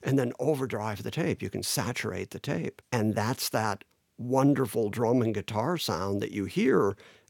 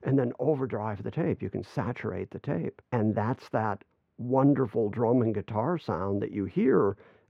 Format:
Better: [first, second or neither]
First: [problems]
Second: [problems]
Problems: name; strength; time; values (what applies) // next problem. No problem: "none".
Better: first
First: none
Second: muffled; very; fading above 4 kHz